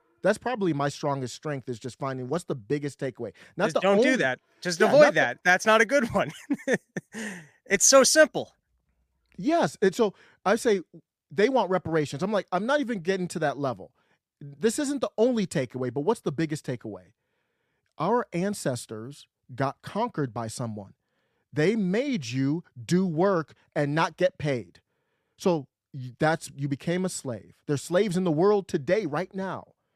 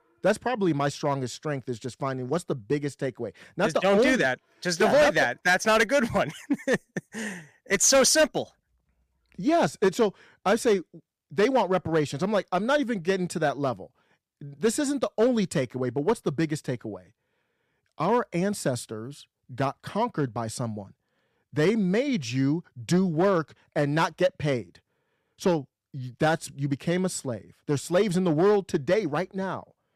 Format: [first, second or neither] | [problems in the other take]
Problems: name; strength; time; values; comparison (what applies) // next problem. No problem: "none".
first | distortion; slight; 3% of the sound clipped